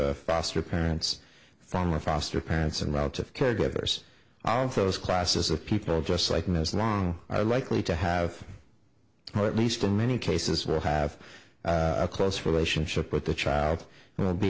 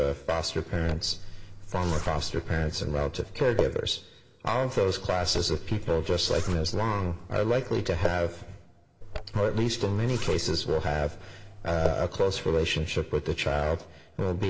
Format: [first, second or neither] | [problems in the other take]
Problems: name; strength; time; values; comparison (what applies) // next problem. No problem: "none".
first | background sound (Zipper (clothing)); 7 dB below the speech // room echo; dies away in 1 s